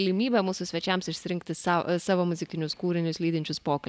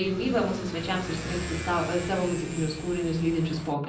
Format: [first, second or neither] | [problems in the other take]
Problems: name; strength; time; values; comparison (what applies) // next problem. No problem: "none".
first | background sound (Motorcycle / Accelerating, revving, vroom); 9 dB below the speech // room echo; dies away in 0.6 s